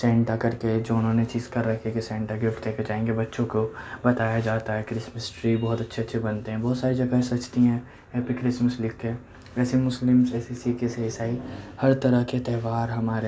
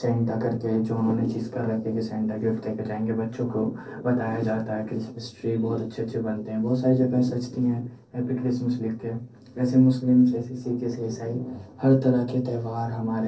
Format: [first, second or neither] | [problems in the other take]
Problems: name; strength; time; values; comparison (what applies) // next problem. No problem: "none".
first | noise reduction (neural separator model SepFormer DNS4)